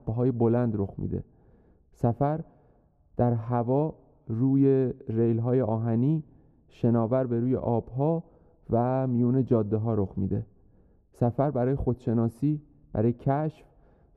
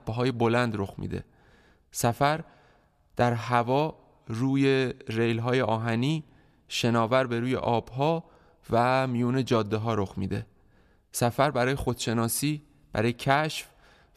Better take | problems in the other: second | muffled; very; fading above 1.5 kHz

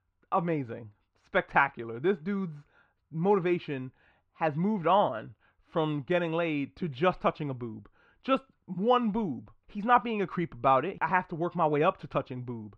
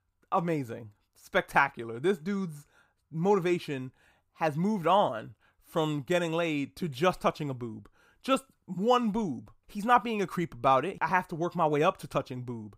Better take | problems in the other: second | muffled; slightly; fading above 3 kHz

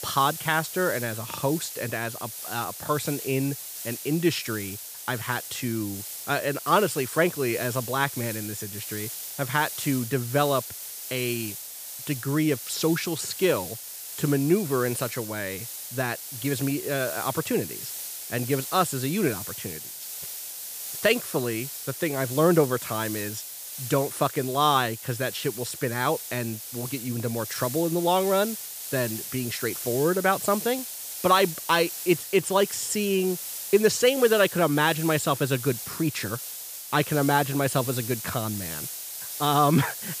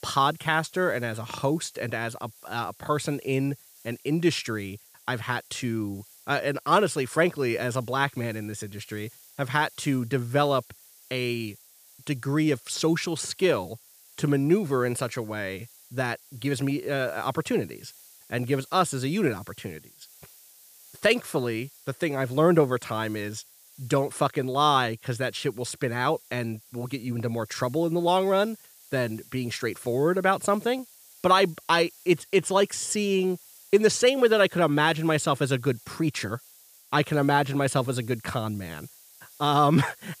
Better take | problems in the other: second | hiss; loud; throughout; 8 dB below the speech; faint in the second

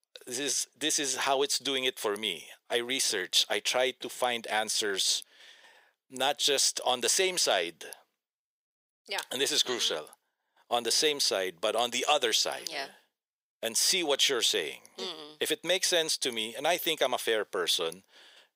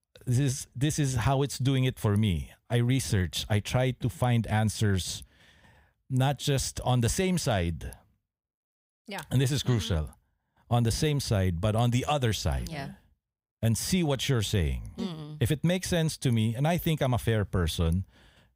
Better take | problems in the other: second | thin; very; fading below 400 Hz

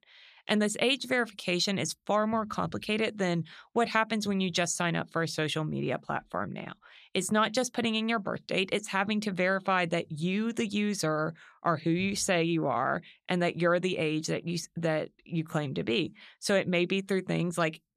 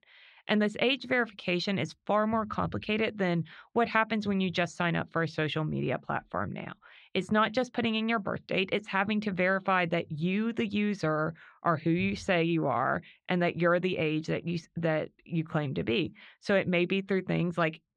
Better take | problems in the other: first | muffled; slightly; fading above 2.5 kHz

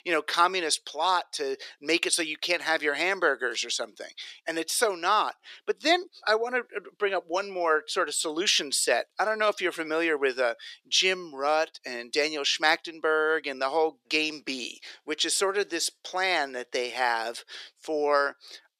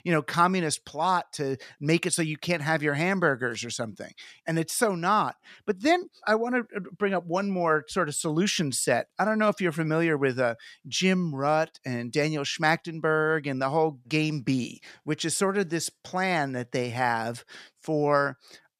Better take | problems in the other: second | thin; very; fading below 350 Hz

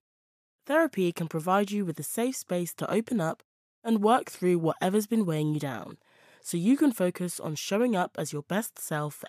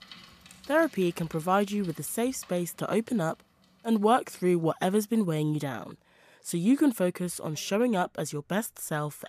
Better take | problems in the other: first | traffic noise; faint; throughout; 25 dB below the speech

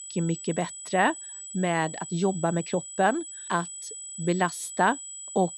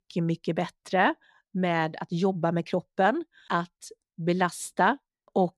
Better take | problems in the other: second | high-pitched whine; loud; throughout; 8 kHz, 10 dB below the speech

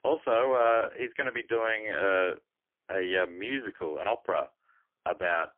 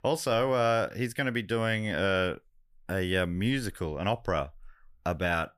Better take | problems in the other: second | phone-call audio; poor line; nothing above 3.5 kHz

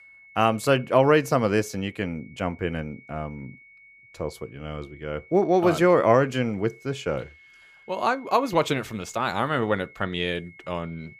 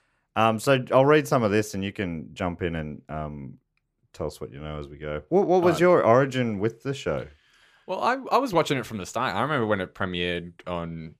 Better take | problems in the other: second | high-pitched whine; faint; throughout; 2 kHz, 25 dB below the speech

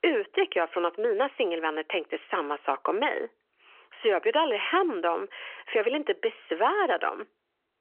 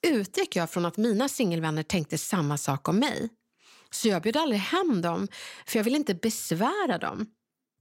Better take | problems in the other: second | phone-call audio; nothing above 3.5 kHz

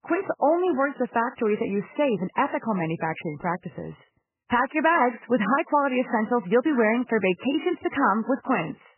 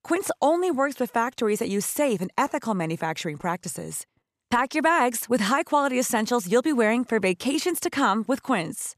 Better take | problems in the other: second | garbled, watery; badly; nothing above 3 kHz

